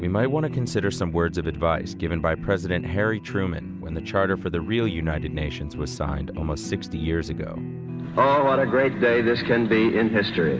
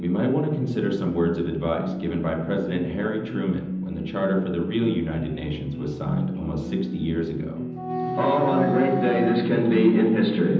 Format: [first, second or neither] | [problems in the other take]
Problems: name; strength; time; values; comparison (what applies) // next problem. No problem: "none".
first | background sound (Wind instrument, woodwind instrument); 8 dB below the speech // room echo; dies away in 0.9 s